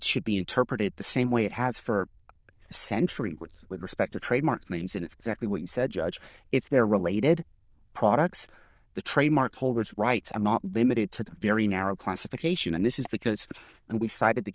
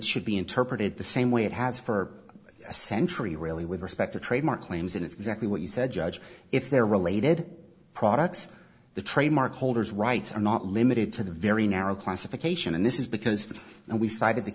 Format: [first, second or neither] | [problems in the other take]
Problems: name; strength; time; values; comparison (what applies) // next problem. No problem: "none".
second | noise reduction (neural diffusion model UNIVERSE++)